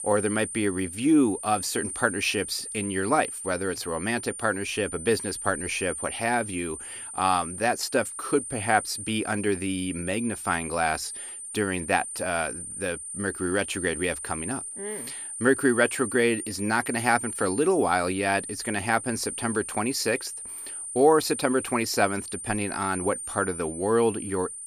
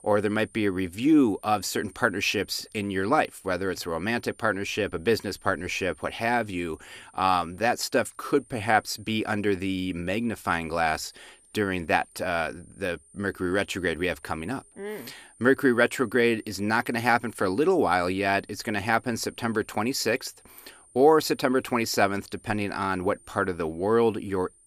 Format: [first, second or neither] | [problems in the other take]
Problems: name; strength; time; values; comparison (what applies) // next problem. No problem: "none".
second | high-pitched whine; loud; throughout; 9 kHz, 7 dB below the speech; faint in the second